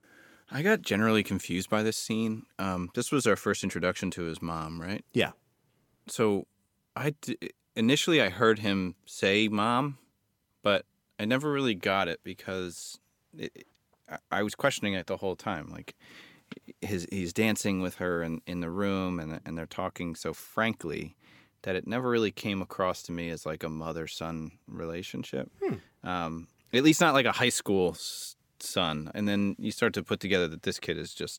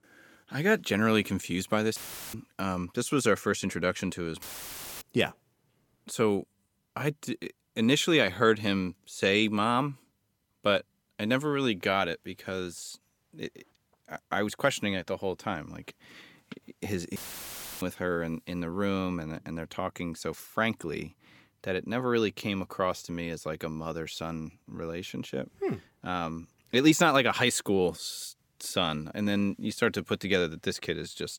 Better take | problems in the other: first | audio cutting out; filled with static; at 2 s, at 4.5 s for 0.5 s and at 17 s for 0.5 s

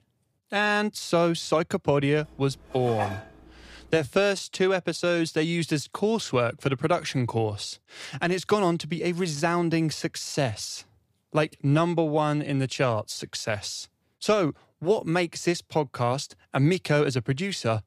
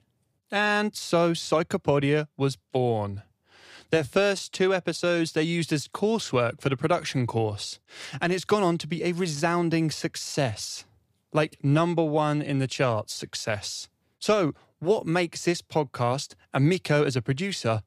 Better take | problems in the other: second | clattering dishes; noticeable; at 3 s; peak 7 dB below the speech

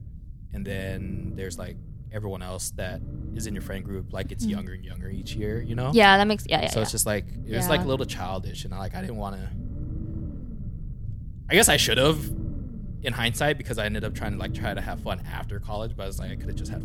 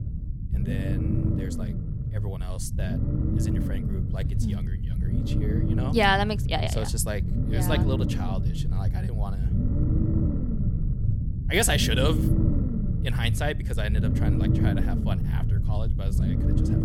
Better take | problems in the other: first | low rumble; loud; throughout; 8 dB below the speech; faint in the first

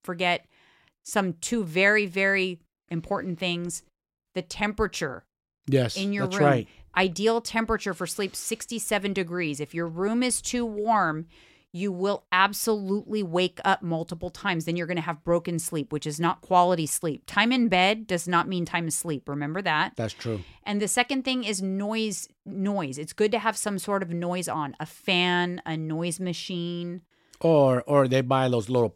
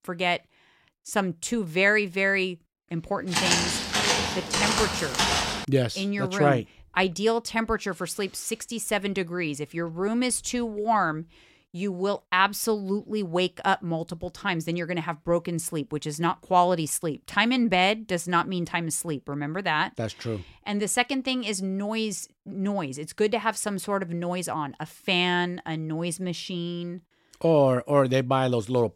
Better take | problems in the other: first | footsteps; loud; from 3.5 to 5.5 s; peak 4 dB above the speech

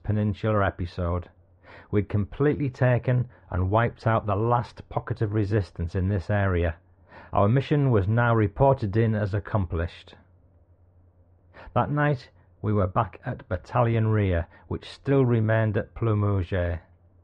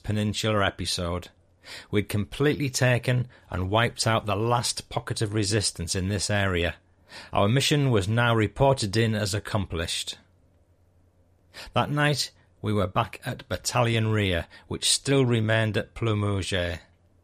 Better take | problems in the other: second | muffled; very; fading above 1 kHz

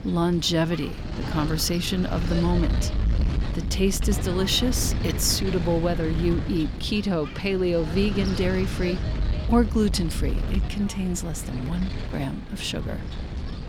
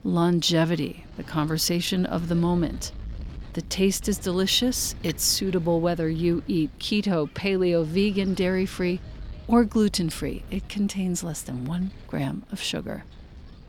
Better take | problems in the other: second | wind noise on the microphone; heavy; 9 dB below the speech; occasional gusts in the second

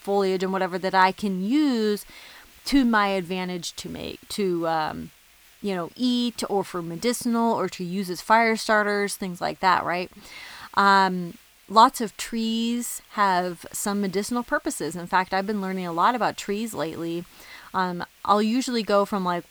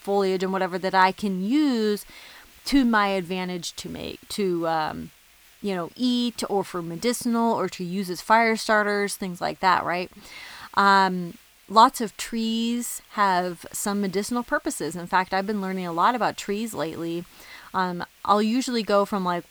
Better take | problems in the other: neither | hiss; faint; throughout; 25 dB below the speech; the same in both

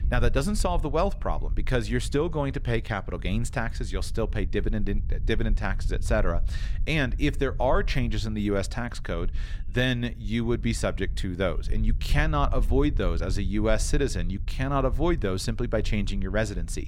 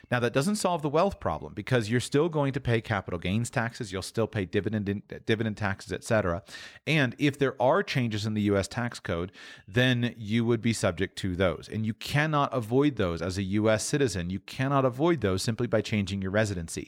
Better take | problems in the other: second | low rumble; faint; throughout; 25 dB below the speech

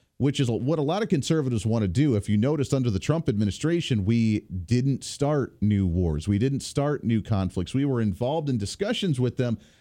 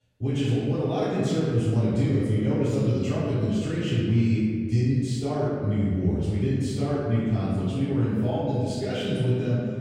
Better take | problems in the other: first | off-mic speech; far // room echo; strong; dies away in 1.7 s

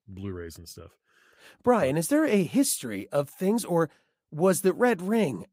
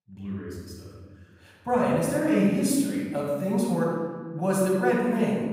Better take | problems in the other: first | off-mic speech; far // room echo; strong; dies away in 1.6 s

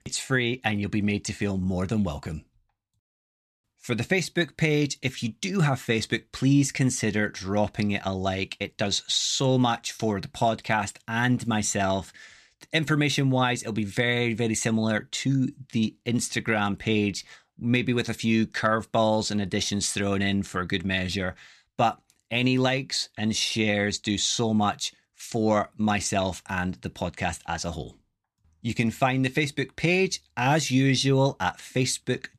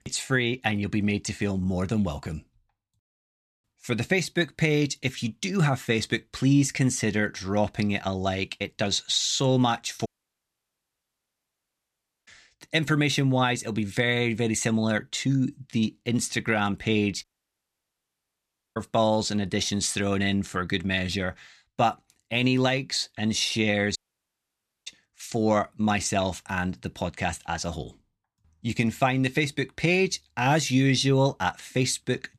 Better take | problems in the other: first | audio cutting out; at 10 s for 2 s, at 17 s for 1.5 s and at 24 s for 1 s

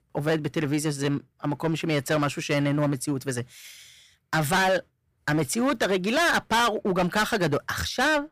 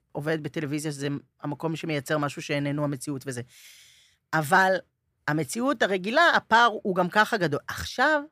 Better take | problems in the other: second | distortion; heavy; 13% of the sound clipped

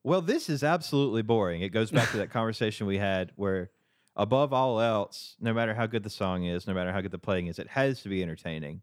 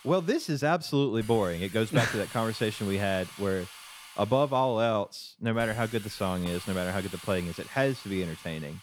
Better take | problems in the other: first | hiss; noticeable; throughout; 15 dB below the speech

